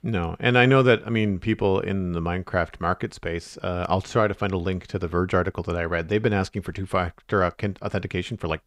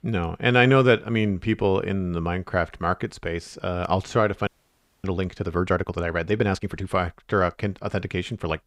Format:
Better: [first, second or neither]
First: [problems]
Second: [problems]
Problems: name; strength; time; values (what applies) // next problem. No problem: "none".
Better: first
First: none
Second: audio freezing; at 4.5 s for 0.5 s